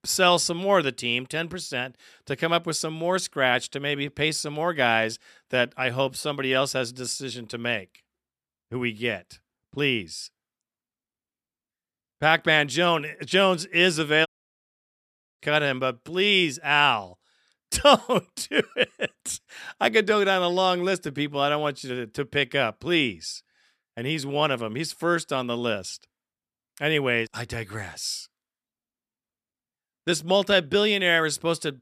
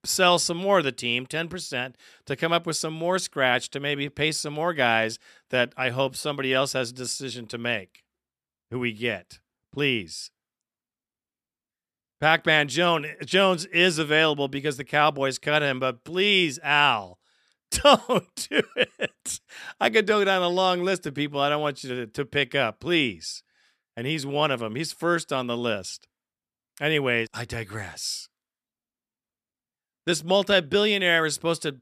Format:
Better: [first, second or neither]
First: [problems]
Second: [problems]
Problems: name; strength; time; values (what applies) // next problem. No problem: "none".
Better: second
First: audio cutting out; at 14 s for 1 s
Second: none